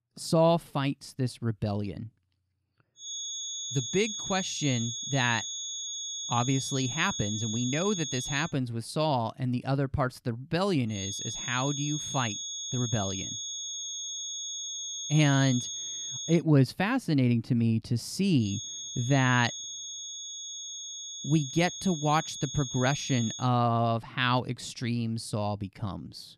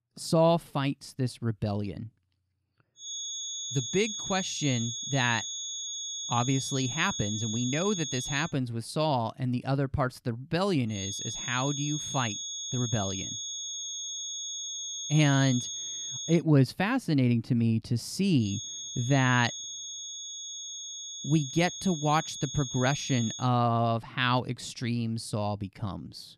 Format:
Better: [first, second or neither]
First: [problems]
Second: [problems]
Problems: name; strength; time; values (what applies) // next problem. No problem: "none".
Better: neither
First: high-pitched whine; loud; from 3 to 8.5 s, from 11 to 16 s and from 18 to 23 s; 6.5 kHz, 5 dB below the speech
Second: high-pitched whine; loud; from 3 to 8.5 s, from 11 to 16 s and from 18 to 23 s; 6.5 kHz, 5 dB below the speech